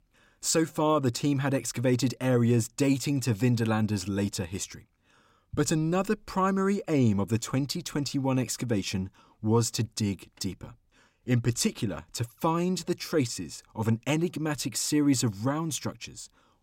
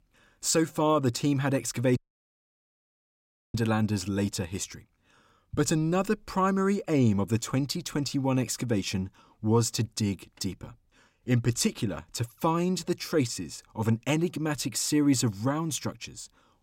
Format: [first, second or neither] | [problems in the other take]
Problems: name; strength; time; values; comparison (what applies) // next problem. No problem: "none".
first | audio cutting out; at 2 s for 1.5 s